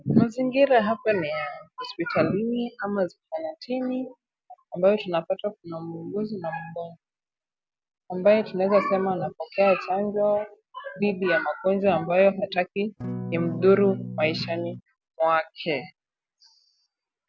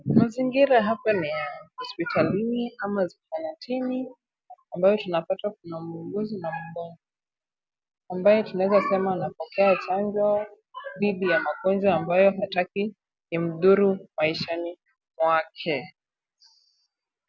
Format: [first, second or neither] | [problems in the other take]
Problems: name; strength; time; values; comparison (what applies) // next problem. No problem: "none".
second | background sound (Electric guitar / Strum); 7 dB below the speech